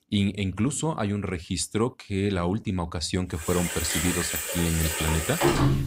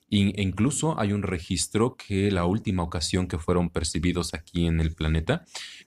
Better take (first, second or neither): second